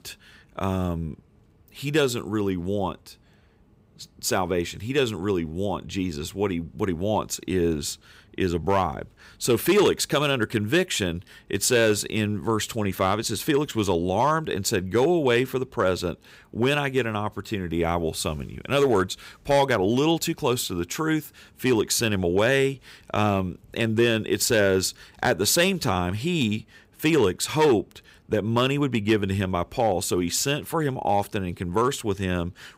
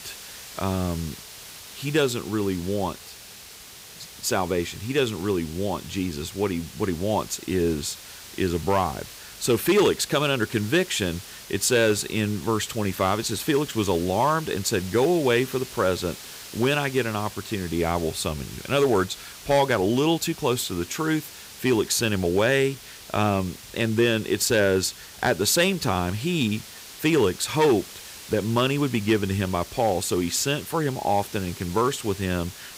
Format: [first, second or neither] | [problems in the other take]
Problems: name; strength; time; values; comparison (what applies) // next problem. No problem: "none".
first | hiss; noticeable; throughout; 15 dB below the speech